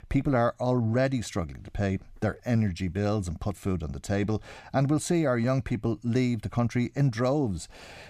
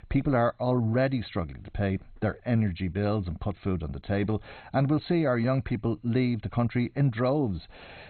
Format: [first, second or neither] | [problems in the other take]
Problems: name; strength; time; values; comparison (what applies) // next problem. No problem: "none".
first | garbled, watery; badly; nothing above 4 kHz